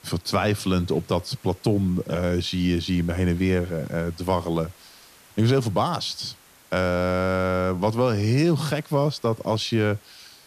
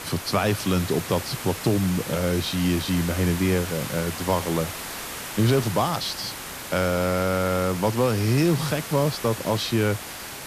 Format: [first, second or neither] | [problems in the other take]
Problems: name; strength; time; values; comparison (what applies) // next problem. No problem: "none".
first | hiss; loud; throughout; 8 dB below the speech; faint in the first